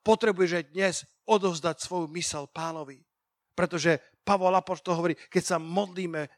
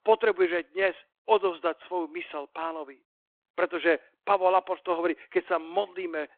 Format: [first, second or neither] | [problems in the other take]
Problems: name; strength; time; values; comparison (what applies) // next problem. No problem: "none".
first | phone-call audio